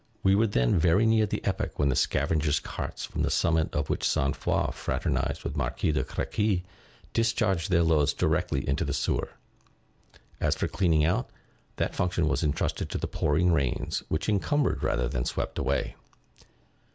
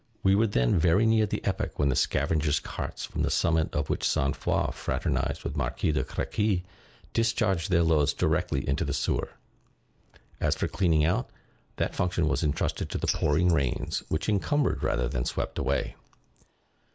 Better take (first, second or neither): first